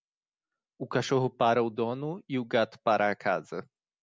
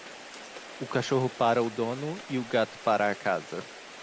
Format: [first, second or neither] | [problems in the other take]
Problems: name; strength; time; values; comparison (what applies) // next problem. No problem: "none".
first | background sound (Rain); 15 dB below the speech